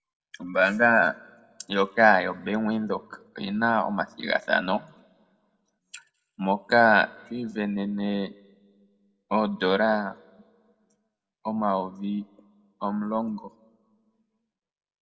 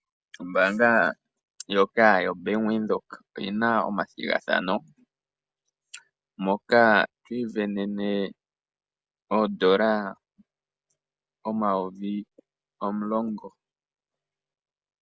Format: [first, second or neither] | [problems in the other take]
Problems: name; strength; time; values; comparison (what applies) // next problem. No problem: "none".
second | room echo; dies away in 0.3 s